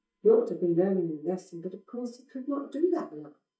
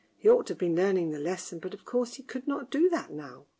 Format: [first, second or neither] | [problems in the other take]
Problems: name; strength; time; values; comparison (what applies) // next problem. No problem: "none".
second | noise reduction (neural mask model DeepFilterNet 3)